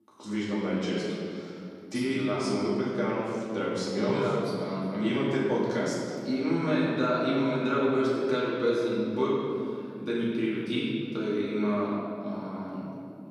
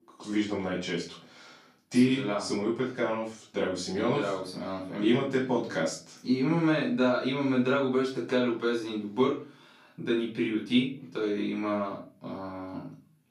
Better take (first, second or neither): second